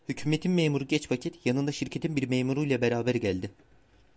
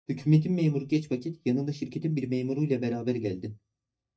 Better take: first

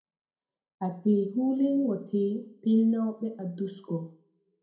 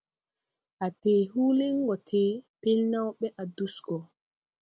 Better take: second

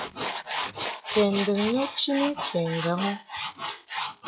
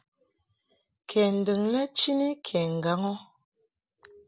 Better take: second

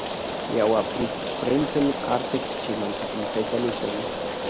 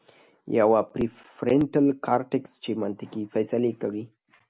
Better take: second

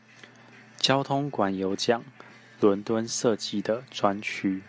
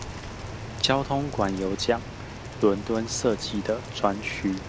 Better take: first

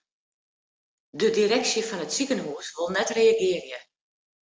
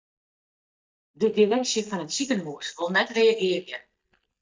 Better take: first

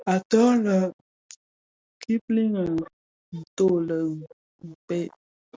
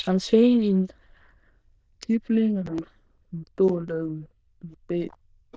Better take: first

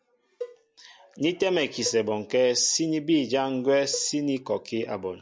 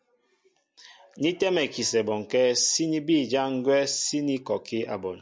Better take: second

